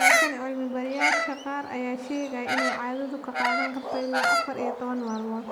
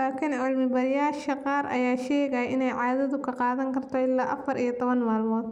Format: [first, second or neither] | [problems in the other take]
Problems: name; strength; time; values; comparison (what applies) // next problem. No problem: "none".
second | background sound (Bird vocalization, bird call, bird song); 3 dB above the speech